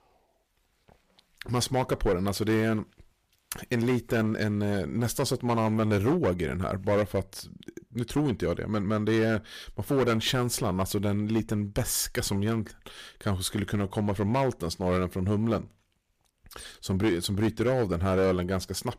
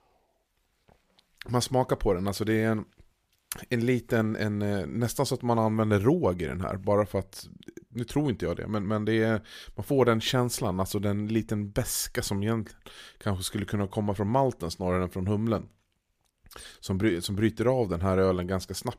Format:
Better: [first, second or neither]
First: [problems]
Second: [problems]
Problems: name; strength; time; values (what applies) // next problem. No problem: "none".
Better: second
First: distortion; slight; 6% of the sound clipped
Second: none